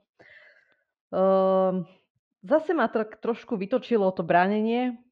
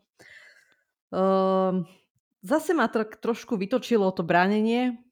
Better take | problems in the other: second | muffled; slightly; fading above 3.5 kHz

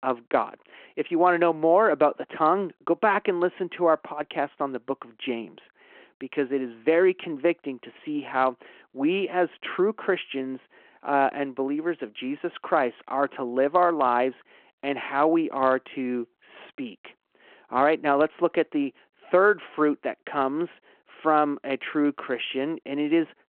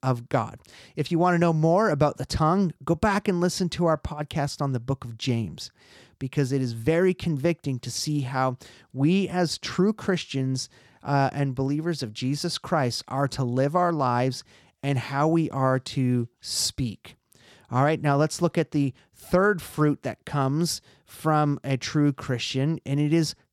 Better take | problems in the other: second | phone-call audio

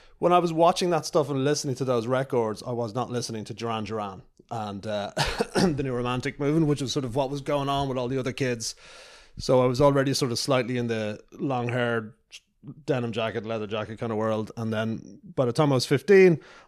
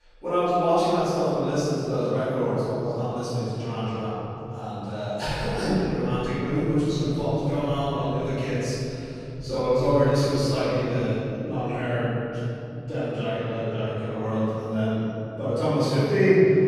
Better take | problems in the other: first | off-mic speech; far // room echo; strong; dies away in 3 s

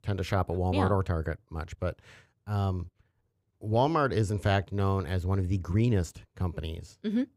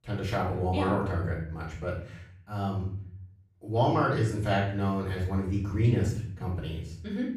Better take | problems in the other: first | off-mic speech; far // room echo; noticeable; dies away in 0.6 s

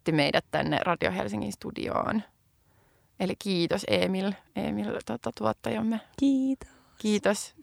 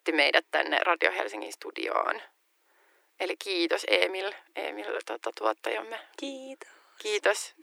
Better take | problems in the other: first | thin; very; fading below 300 Hz

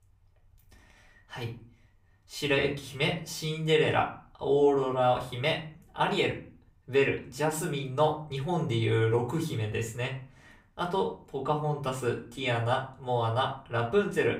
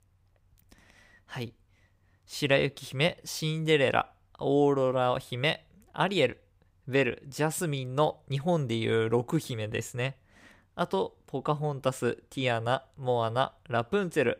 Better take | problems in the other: second | off-mic speech; far // room echo; very slight; dies away in 0.3 s

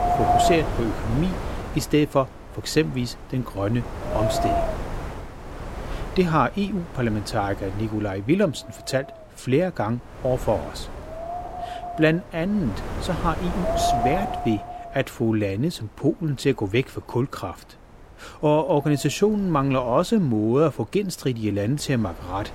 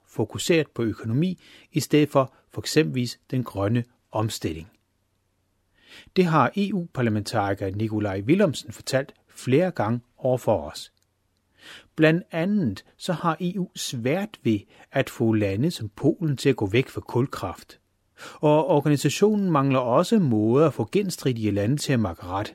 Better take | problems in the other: second | wind noise on the microphone; heavy; 2 dB below the speech

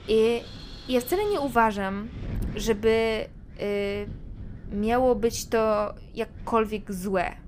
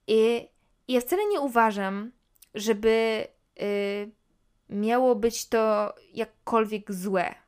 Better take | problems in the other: second | wind noise on the microphone; occasional gusts; 20 dB below the speech

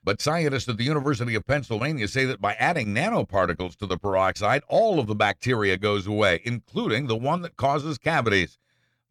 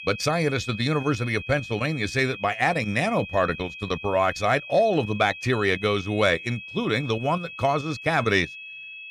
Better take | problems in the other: first | high-pitched whine; noticeable; throughout; 2.5 kHz, 10 dB below the speech

